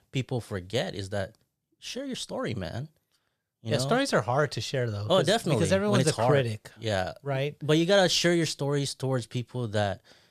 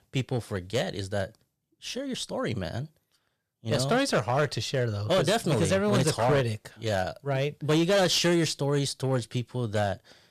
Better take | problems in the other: first | distortion; slight; 5% of the sound clipped

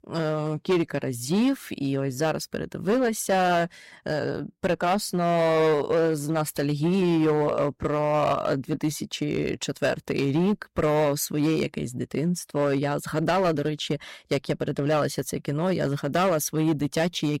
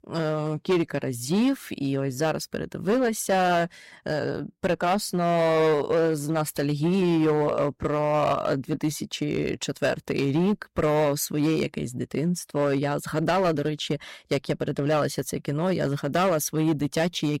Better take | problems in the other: neither | distortion; slight; 9% of the sound clipped; the same in both

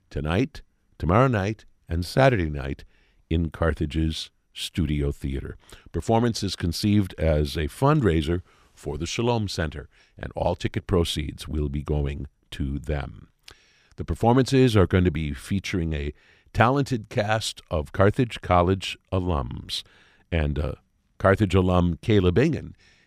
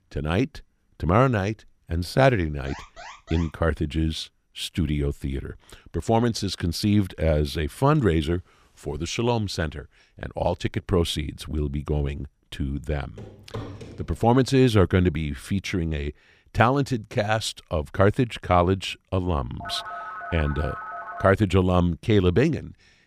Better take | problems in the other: first | alarm; faint; at 2.5 s; peak 15 dB below the speech // footsteps; faint; at 13 s; peak 10 dB below the speech // phone ringing; noticeable; from 20 to 21 s; peak 10 dB below the speech

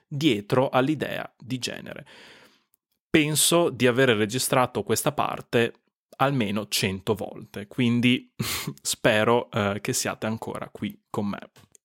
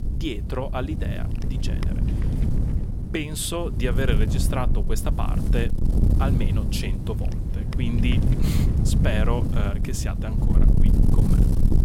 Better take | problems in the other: first | wind noise on the microphone; heavy; 4 dB below the speech

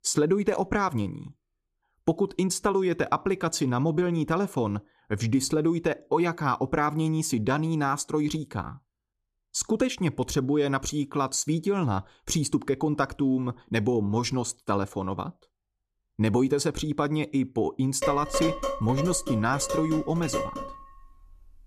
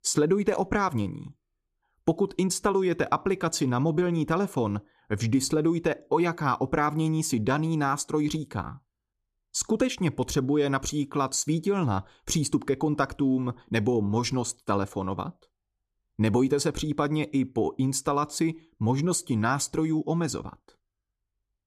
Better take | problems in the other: second | clattering dishes; noticeable; from 18 to 21 s; peak 2 dB below the speech

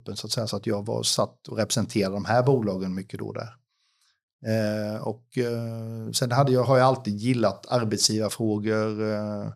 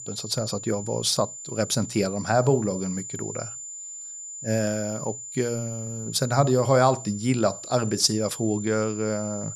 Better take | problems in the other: first | high-pitched whine; noticeable; throughout; 7 kHz, 10 dB below the speech

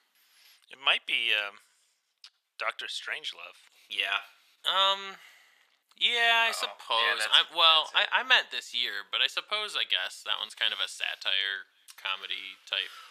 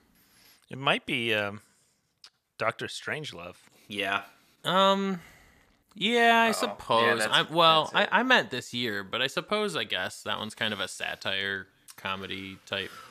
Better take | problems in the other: second | thin; very; fading below 800 Hz

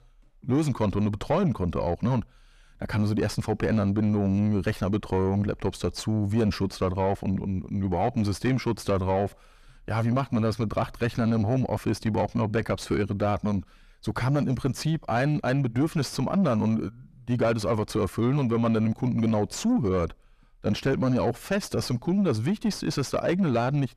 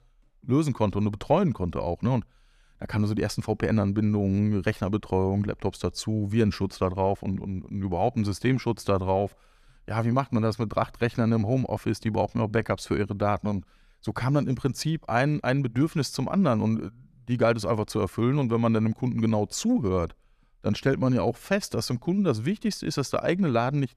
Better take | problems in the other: second | distortion; slight; 9 dB below the speech

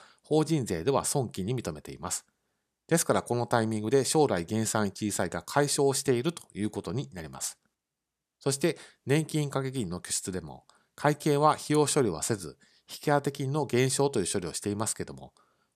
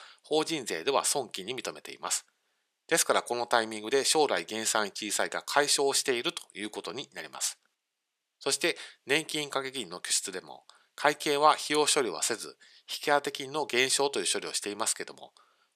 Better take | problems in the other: first | thin; somewhat; fading below 400 Hz

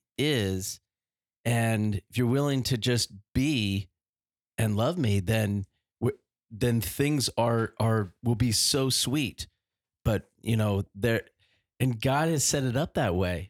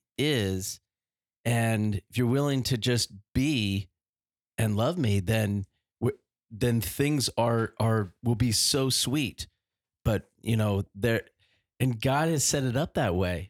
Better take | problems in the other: neither | none

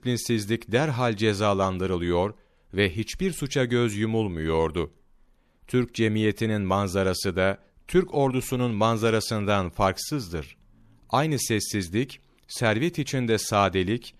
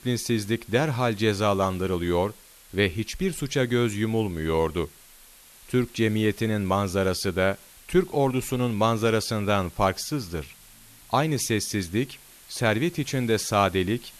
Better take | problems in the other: first | hiss; faint; throughout; 25 dB below the speech

